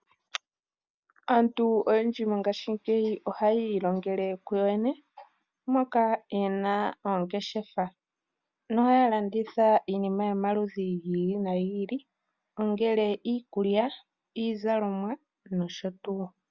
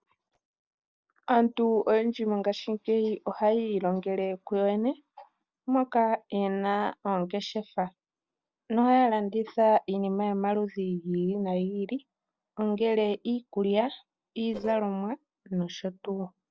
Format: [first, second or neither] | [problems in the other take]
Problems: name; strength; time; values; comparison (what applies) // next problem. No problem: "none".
first | noise reduction (neural separator model SepFormer DNS4)